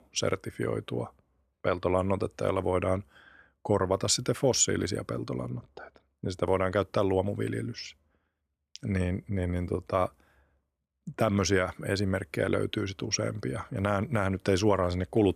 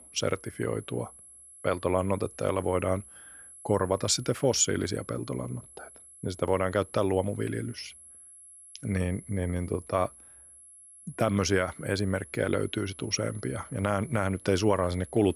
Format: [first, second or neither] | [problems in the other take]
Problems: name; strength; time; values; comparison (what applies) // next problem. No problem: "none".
first | high-pitched whine; noticeable; throughout; 11 kHz, 20 dB below the speech